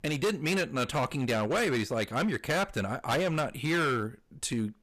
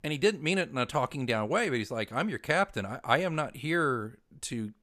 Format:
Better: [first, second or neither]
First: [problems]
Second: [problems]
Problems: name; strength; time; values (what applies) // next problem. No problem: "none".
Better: second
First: distortion; heavy; 14% of the sound clipped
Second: none